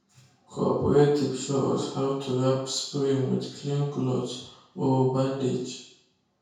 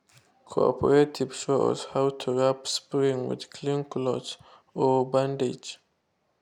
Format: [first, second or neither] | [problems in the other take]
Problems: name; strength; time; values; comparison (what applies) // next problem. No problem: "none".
second | room echo; dies away in 0.6 s